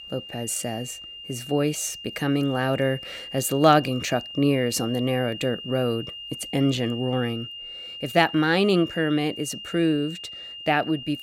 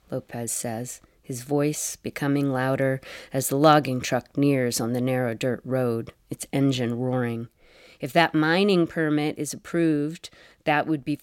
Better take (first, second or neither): second